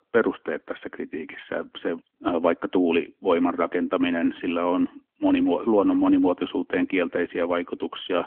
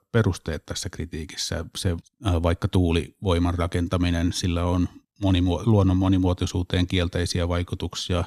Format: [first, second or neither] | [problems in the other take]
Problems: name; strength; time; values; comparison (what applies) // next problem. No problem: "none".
second | phone-call audio; nothing above 3 kHz